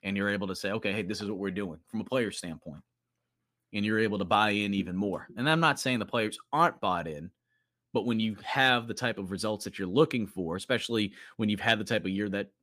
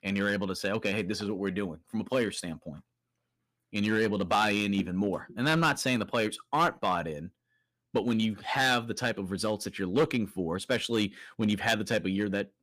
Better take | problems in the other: first | distortion; slight; 2% of the sound clipped

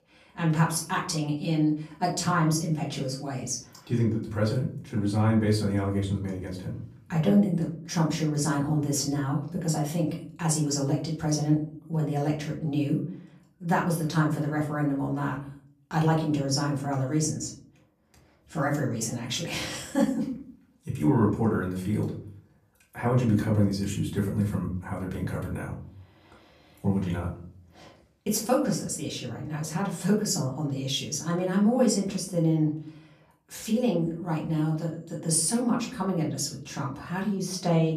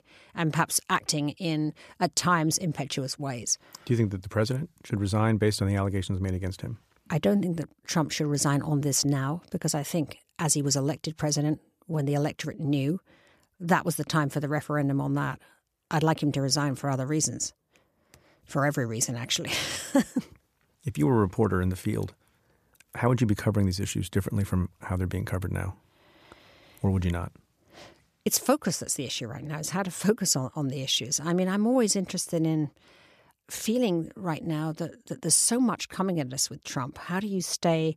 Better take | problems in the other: second | off-mic speech; far // room echo; slight; dies away in 0.5 s

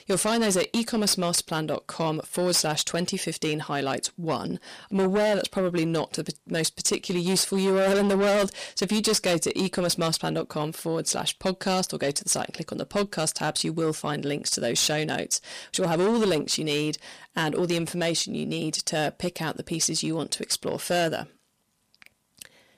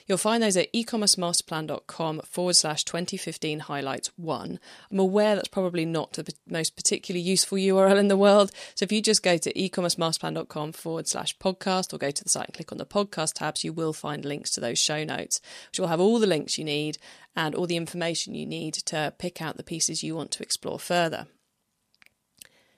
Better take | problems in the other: second | distortion; heavy; 7 dB below the speech

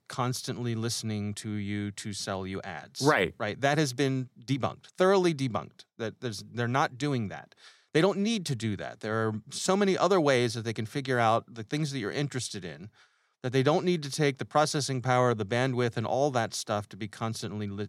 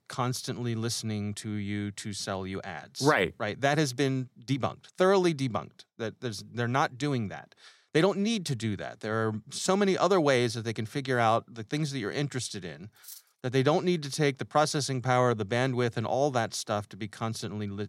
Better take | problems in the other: first | clattering dishes; faint; at 13 s; peak 15 dB below the speech

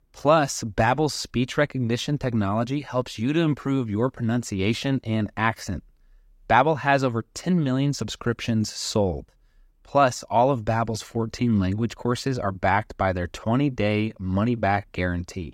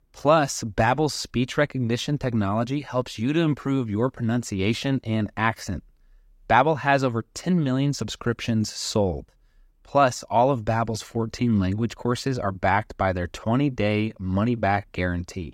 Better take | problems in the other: neither | none

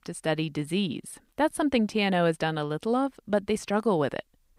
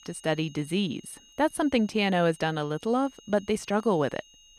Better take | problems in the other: first | high-pitched whine; faint; throughout; 3 kHz, 25 dB below the speech

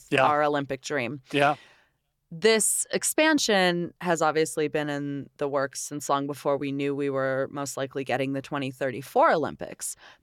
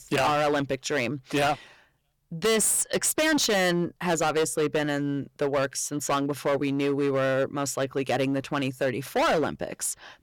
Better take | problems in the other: first | distortion; heavy; 15% of the sound clipped

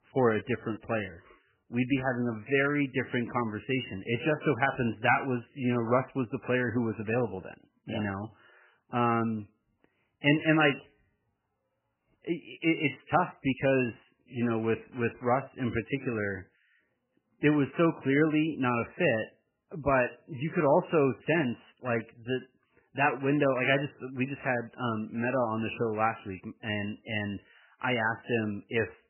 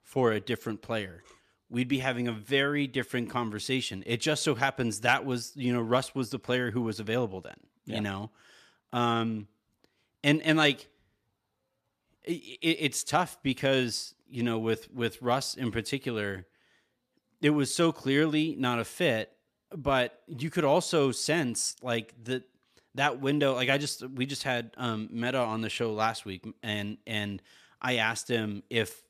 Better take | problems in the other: second | garbled, watery; badly; nothing above 3 kHz

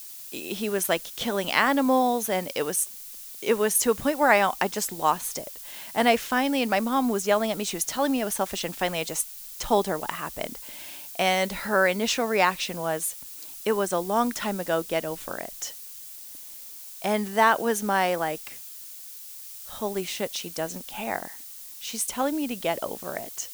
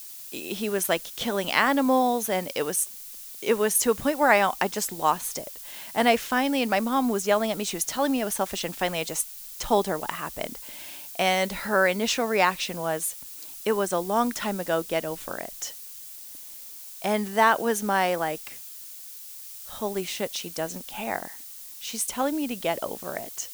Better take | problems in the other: neither | hiss; noticeable; throughout; 10 dB below the speech; the same in both

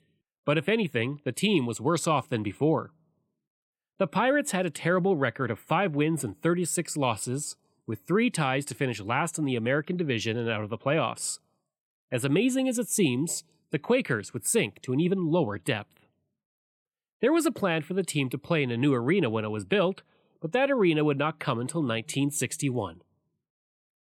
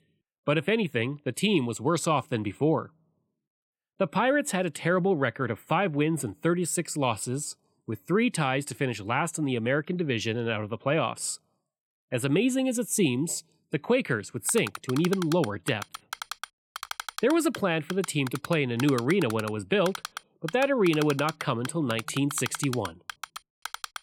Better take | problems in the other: first | keyboard typing; noticeable; from 14 s on; peak 8 dB below the speech

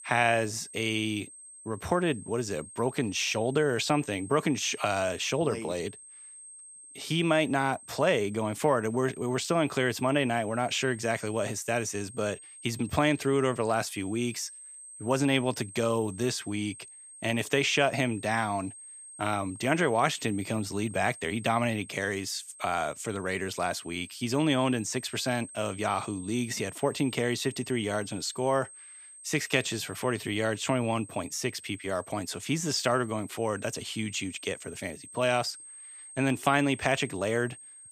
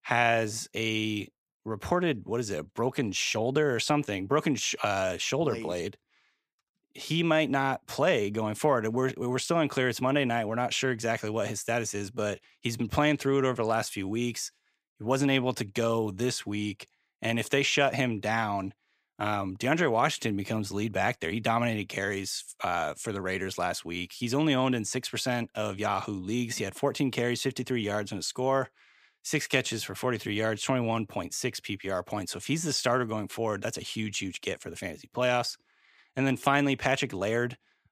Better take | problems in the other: second | high-pitched whine; noticeable; throughout; 8.5 kHz, 15 dB below the speech

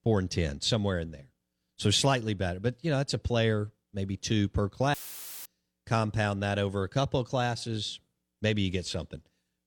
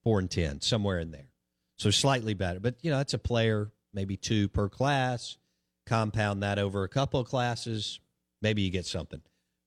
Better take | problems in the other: second | audio cutting out; filled with static; at 5 s for 0.5 s

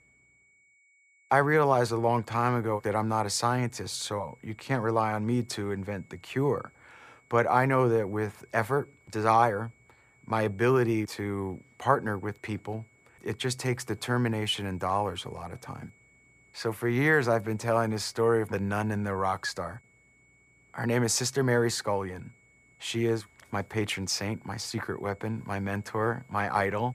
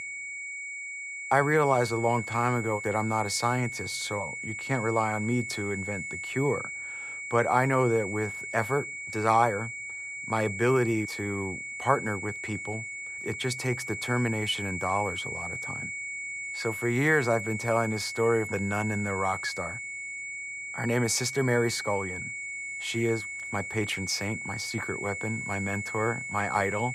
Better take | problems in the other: first | high-pitched whine; loud; throughout; 2 kHz, 6 dB below the speech; faint in the first

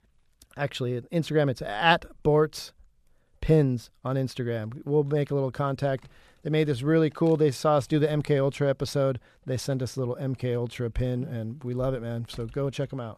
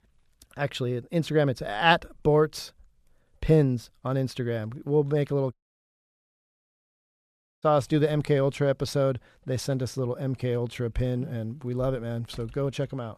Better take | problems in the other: first | audio cutting out; at 5.5 s for 2 s

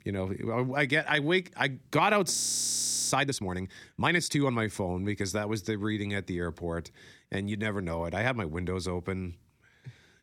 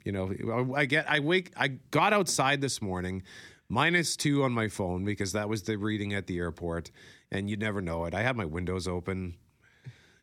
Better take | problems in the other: second | audio freezing; at 2.5 s for 0.5 s

